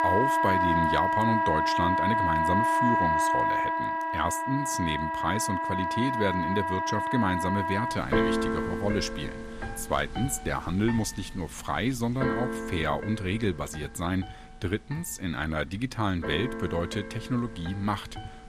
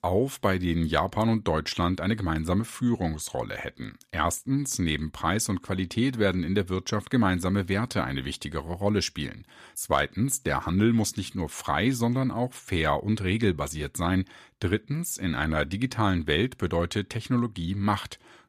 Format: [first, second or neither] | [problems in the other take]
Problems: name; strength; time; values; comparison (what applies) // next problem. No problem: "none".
second | background music; very loud; throughout; 2 dB above the speech